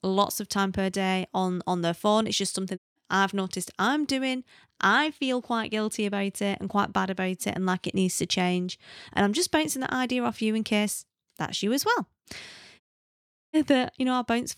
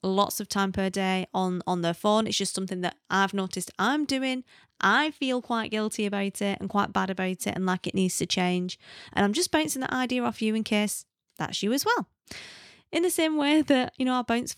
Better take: second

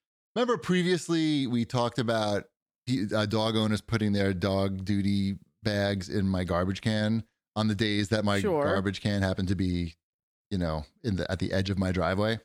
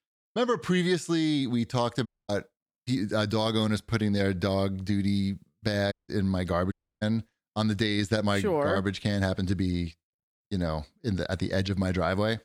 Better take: first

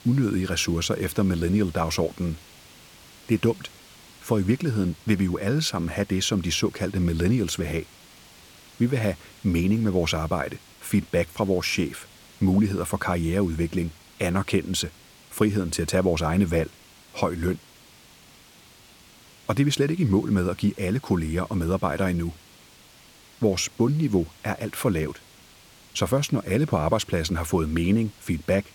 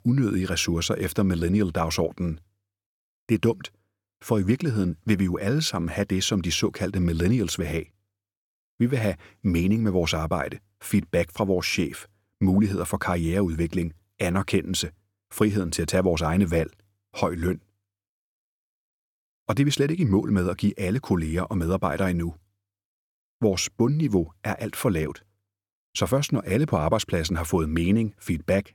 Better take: second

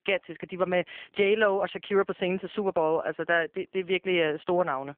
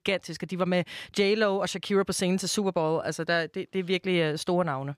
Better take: second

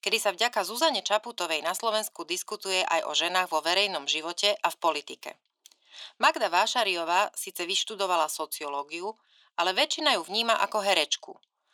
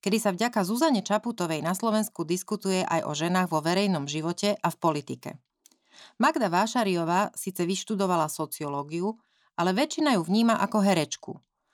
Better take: second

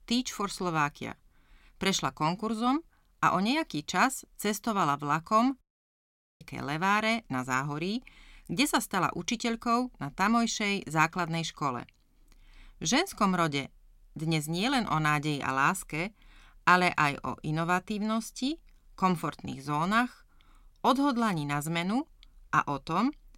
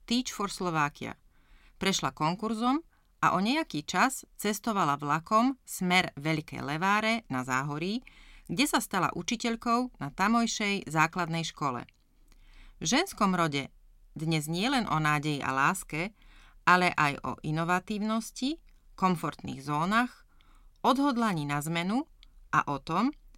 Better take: second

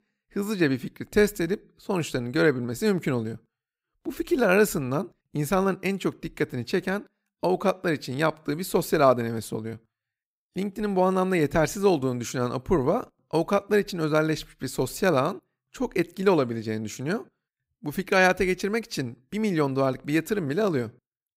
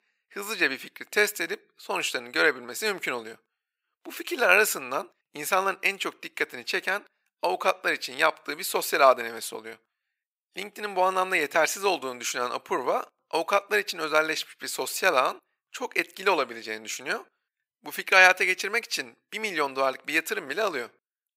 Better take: first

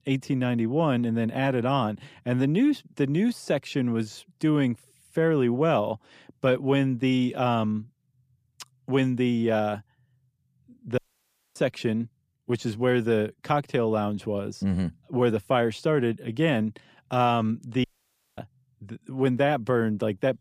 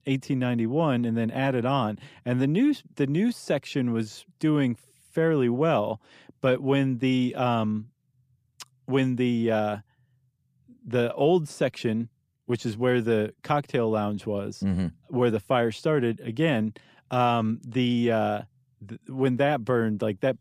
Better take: second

